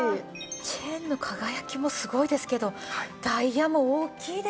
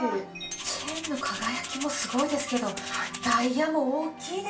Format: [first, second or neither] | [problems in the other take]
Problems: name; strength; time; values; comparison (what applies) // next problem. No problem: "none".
first | background sound (Rattle (instrument)); 10 dB below the speech // room echo; dies away in 0.3 s